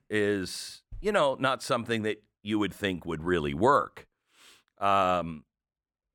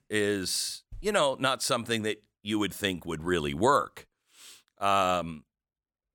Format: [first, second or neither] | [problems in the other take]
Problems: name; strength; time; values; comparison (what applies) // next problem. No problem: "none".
second | muffled; slightly; fading above 3.5 kHz